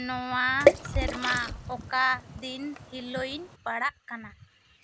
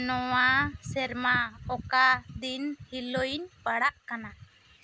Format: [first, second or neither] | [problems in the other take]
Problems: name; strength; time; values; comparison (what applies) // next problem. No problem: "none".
second | background sound (Water / Splash, splatter); 2 dB above the speech